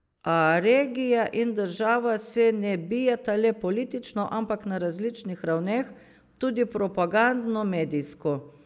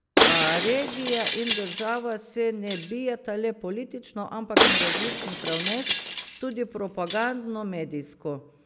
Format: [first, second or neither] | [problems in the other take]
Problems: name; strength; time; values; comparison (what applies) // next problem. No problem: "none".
first | background sound (Shatter); 2 dB above the speech